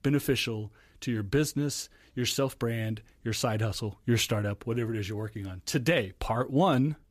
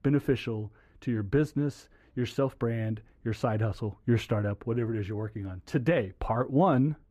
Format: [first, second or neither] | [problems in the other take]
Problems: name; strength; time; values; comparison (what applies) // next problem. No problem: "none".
first | muffled; very; fading above 2.5 kHz